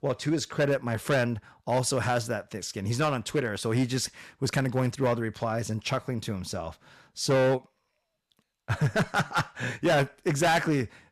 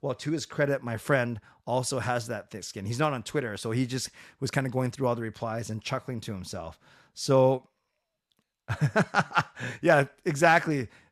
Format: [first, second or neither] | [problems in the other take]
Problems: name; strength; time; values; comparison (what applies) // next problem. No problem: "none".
second | distortion; heavy; 6% of the sound clipped